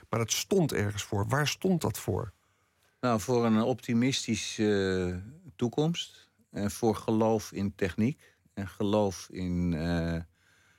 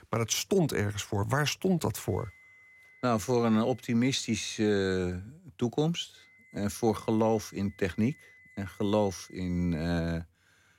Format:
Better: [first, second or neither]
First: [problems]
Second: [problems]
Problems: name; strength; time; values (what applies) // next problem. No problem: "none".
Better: first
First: none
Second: high-pitched whine; faint; from 2 to 5 s and from 6 to 10 s; 2 kHz, 25 dB below the speech